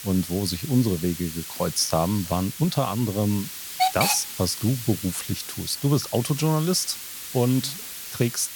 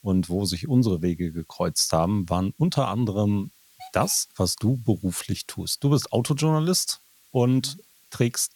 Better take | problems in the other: second | hiss; loud; throughout; 6 dB below the speech; faint in the second

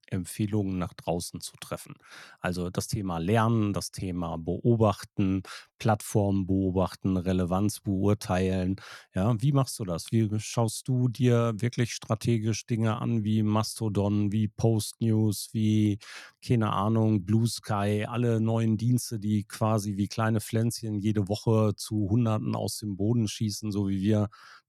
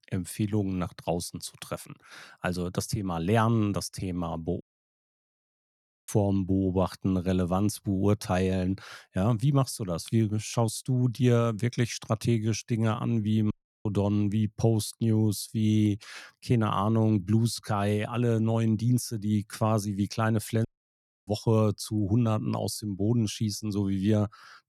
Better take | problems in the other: first | audio cutting out; at 4.5 s for 1.5 s, at 14 s and at 21 s for 0.5 s

